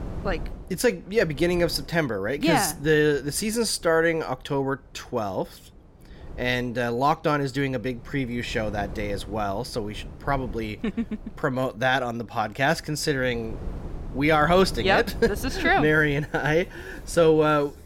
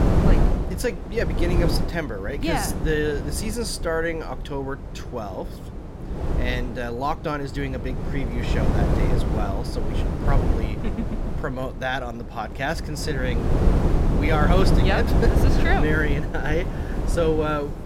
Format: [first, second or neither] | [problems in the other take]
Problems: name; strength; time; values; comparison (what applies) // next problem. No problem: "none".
first | wind noise on the microphone; heavy; 4 dB below the speech; occasional gusts in the first